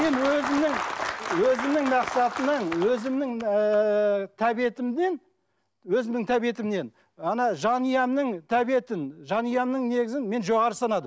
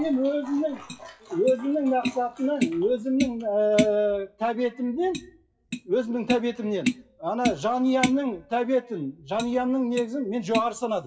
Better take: first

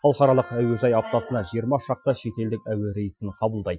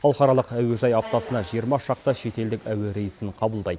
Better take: second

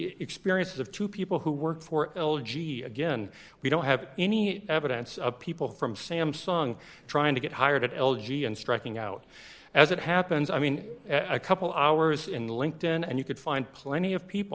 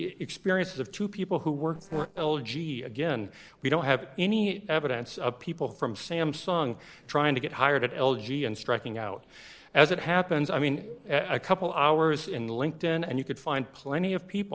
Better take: first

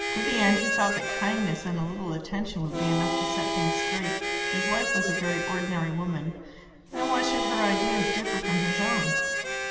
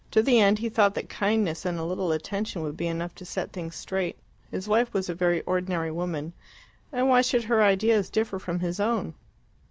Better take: second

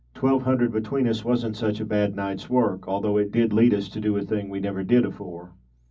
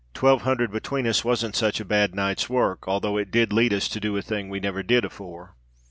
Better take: second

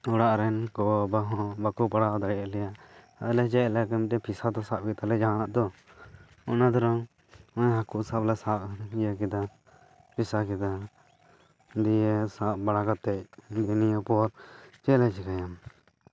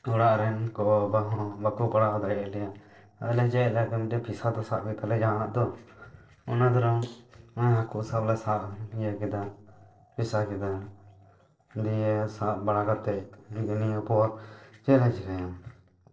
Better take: first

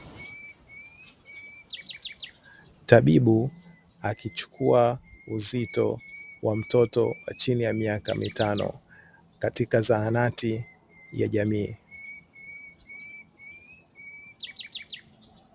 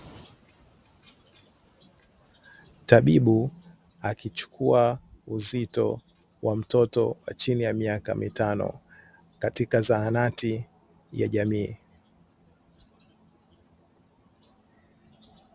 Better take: second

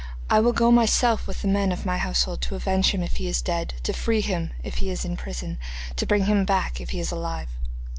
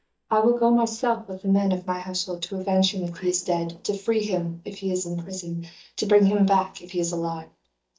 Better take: first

